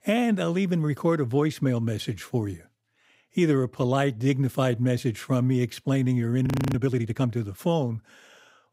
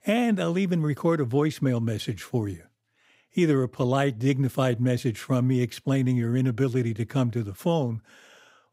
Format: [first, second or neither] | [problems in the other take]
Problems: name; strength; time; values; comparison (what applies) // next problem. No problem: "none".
second | audio freezing; at 6.5 s